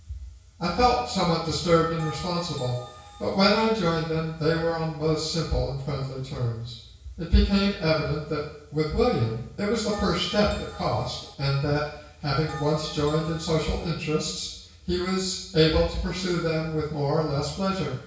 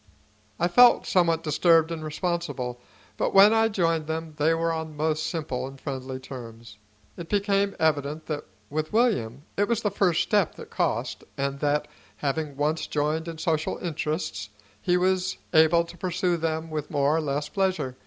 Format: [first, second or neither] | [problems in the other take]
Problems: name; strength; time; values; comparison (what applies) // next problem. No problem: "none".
second | background sound (Bell); 17 dB below the speech // room echo; dies away in 0.6 s